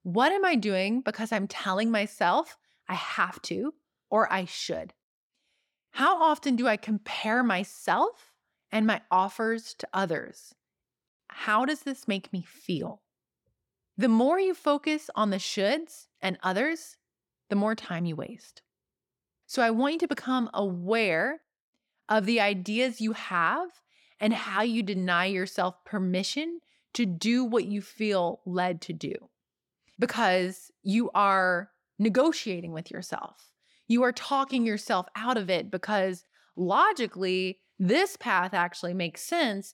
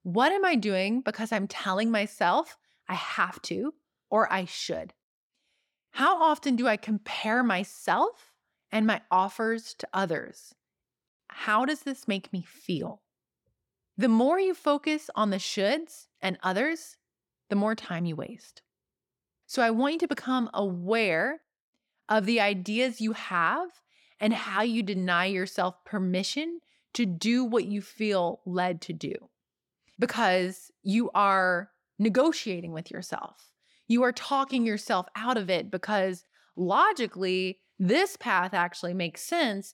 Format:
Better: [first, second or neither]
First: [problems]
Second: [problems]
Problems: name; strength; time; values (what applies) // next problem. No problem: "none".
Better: neither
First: none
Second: none